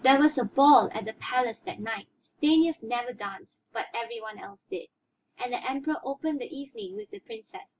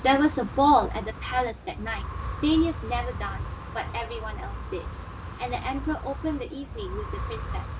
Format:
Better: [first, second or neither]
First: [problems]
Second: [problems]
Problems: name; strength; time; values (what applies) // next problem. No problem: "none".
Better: first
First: none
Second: background sound (Wind); 7 dB below the speech